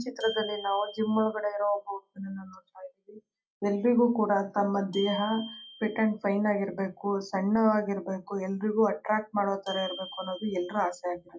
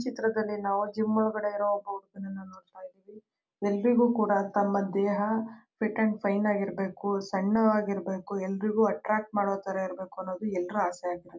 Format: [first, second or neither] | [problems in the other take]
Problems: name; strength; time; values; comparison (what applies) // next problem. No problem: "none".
second | noise reduction (classical method log-MMSE)